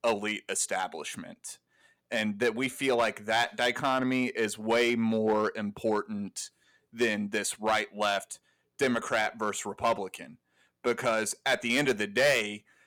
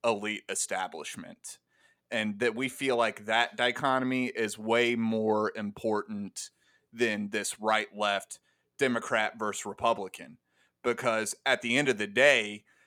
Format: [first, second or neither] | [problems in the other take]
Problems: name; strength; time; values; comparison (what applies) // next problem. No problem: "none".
second | distortion; slight; 2% of the sound clipped